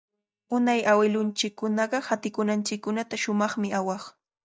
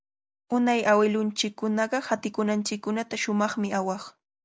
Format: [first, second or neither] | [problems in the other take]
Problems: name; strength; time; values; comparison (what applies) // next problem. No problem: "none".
second | noise reduction (neural mask model DeepFilterNet 3)